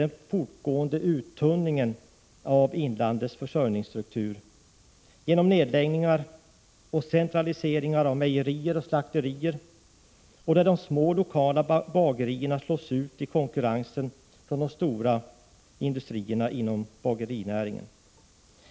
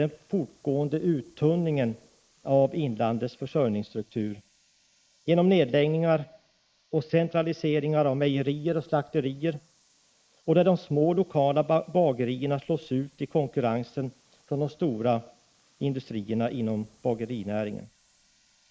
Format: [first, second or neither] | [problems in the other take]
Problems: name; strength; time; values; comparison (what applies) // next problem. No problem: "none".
first | noise reduction (neural mask model Resemble Enhance denoiser)